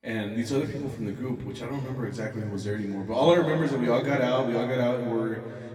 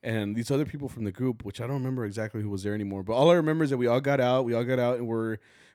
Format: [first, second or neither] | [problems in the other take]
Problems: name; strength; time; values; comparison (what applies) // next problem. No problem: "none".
second | room echo; slight; dies away in 2.2 s // off-mic speech; far